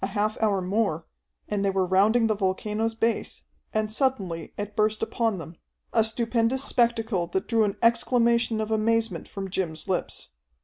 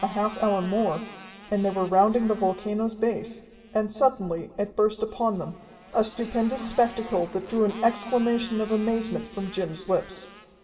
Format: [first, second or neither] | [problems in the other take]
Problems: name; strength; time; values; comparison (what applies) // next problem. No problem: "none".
first | background sound (Motorcycle); 20 dB below the speech // room echo; dies away in 2.4 s